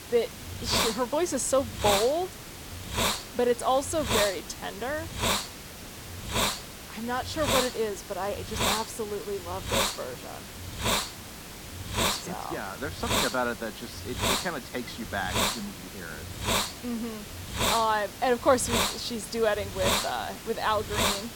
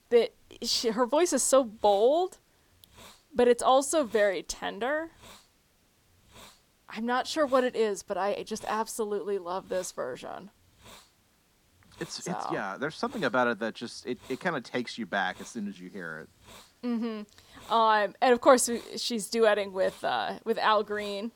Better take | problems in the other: second | hiss; loud; throughout; 1 dB below the speech; faint in the second

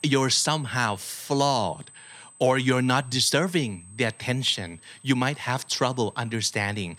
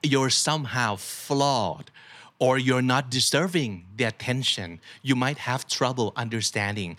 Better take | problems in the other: second | high-pitched whine; faint; throughout; 8 kHz, 25 dB below the speech

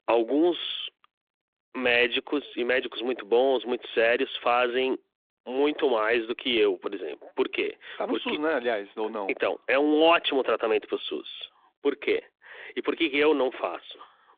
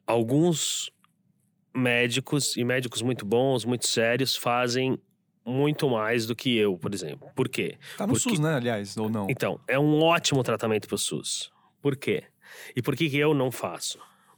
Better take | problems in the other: second | phone-call audio; nothing above 3.5 kHz

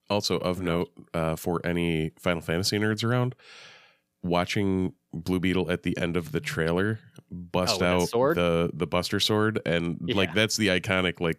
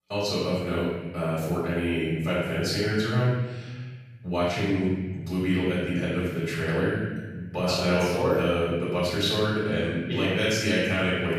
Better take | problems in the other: first | off-mic speech; far // room echo; strong; dies away in 1.3 s

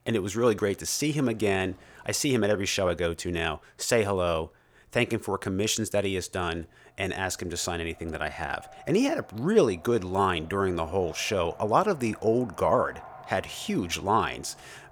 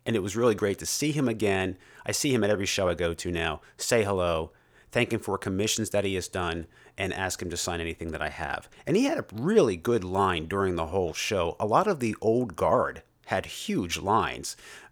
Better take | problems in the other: second | traffic noise; faint; throughout; 25 dB below the speech

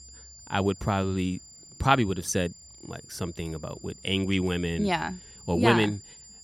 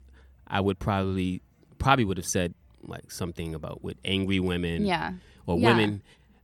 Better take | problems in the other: second | high-pitched whine; noticeable; throughout; 7 kHz, 20 dB below the speech

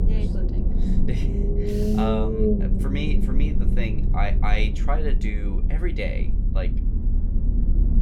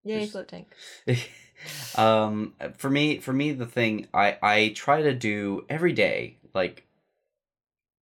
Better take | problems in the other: second | low rumble; loud; throughout; 2 dB below the speech

